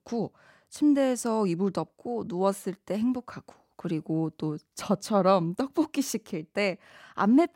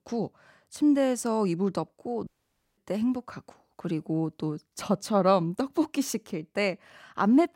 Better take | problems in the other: first | audio cutting out; at 2.5 s for 0.5 s

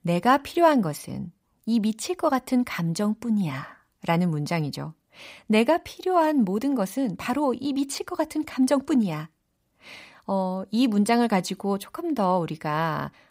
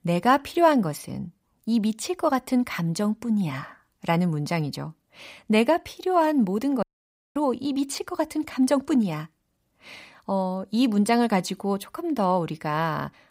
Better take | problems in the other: first | audio cutting out; at 7 s for 0.5 s

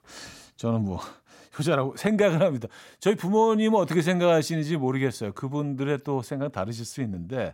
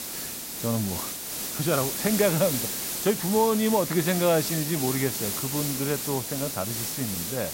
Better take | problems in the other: first | hiss; loud; throughout; 2 dB below the speech

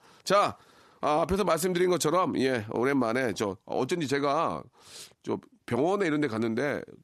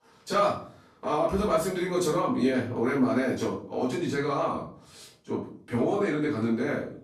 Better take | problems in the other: first | off-mic speech; far // room echo; noticeable; dies away in 0.5 s

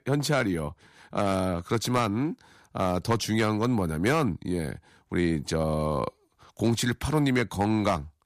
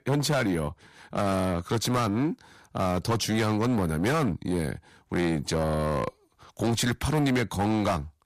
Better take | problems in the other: first | distortion; slight; 11% of the sound clipped

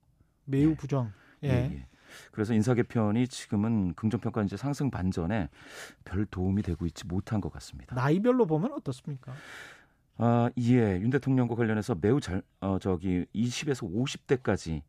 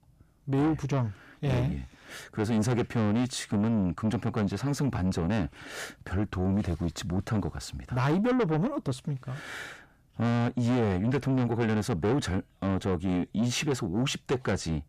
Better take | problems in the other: first | distortion; heavy; 8 dB below the speech

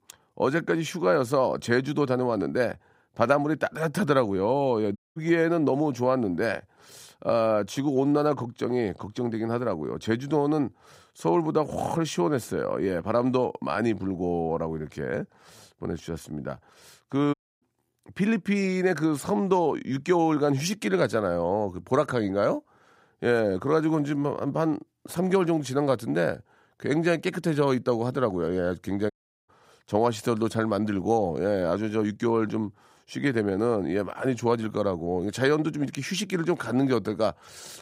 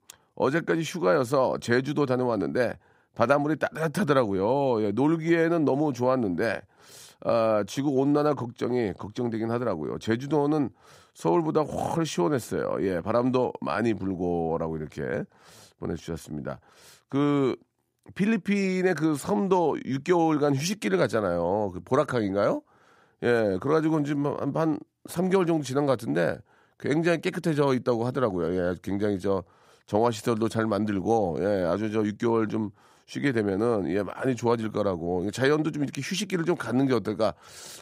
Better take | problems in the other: second | audio cutting out; at 5 s, at 17 s and at 29 s

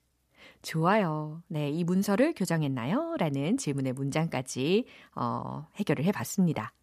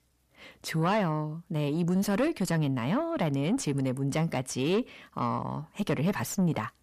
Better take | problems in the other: first | distortion; slight; 10 dB below the speech

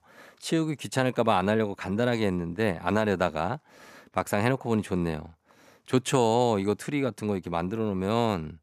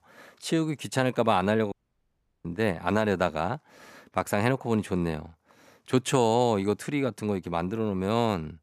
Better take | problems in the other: first | audio cutting out; at 1.5 s for 0.5 s

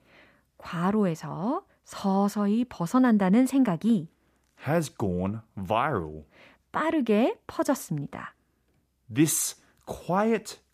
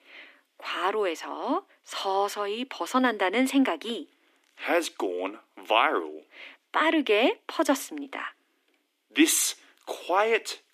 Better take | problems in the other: first | thin; somewhat; fading below 250 Hz

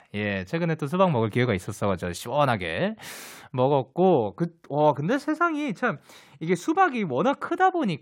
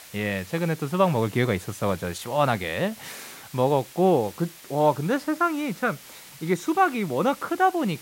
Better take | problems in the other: first | hiss; noticeable; throughout; 20 dB below the speech

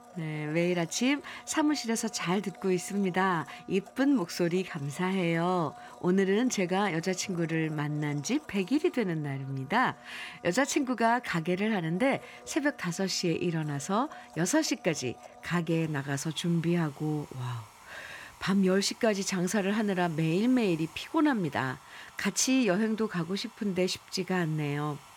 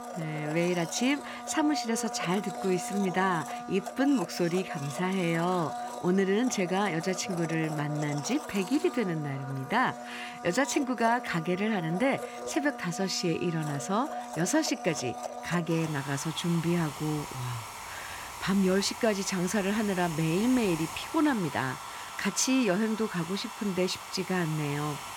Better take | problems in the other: first | household noises; loud; throughout; 10 dB below the speech; faint in the first

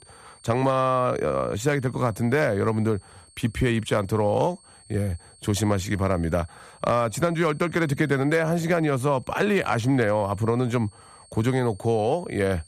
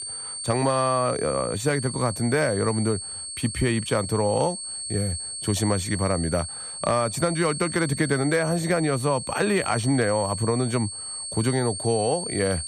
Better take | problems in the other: first | high-pitched whine; loud; throughout; 8.5 kHz, 6 dB below the speech; faint in the first

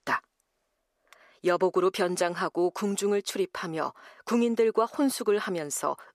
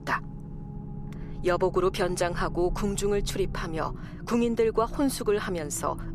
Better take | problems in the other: first | low rumble; noticeable; throughout; 20 dB below the speech

